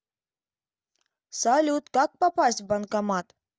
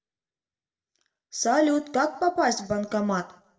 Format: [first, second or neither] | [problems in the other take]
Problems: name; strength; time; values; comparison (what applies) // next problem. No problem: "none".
first | room echo; dies away in 0.6 s